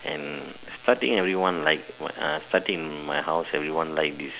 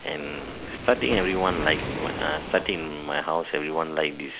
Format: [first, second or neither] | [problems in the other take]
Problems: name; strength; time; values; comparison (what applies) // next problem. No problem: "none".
first | background sound (Waves, surf); 9 dB below the speech